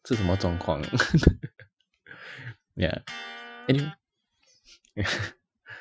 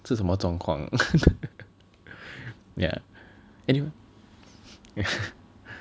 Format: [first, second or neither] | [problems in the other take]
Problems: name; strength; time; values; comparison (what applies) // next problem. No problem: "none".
second | noise reduction (classical method Wiener filter)